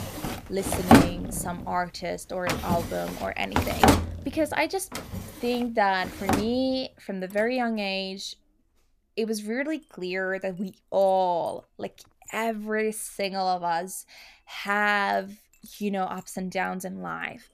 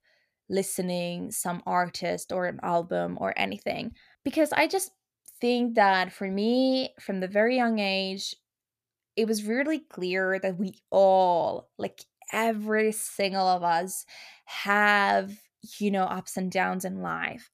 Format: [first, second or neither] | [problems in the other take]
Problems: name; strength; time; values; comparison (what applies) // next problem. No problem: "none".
second | household noises; very loud; throughout; 3 dB above the speech